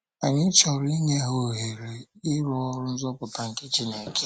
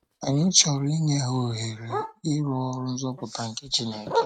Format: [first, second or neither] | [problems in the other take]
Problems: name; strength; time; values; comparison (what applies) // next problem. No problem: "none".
first | noise reduction (neural mask model RNNoise)